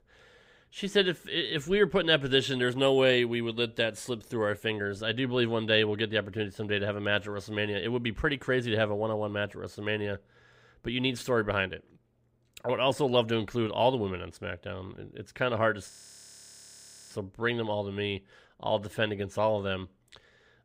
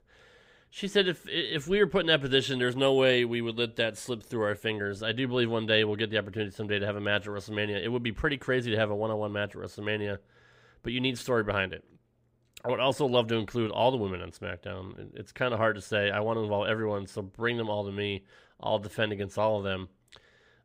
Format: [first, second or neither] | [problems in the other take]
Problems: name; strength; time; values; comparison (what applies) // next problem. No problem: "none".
second | audio freezing; at 16 s for 1 s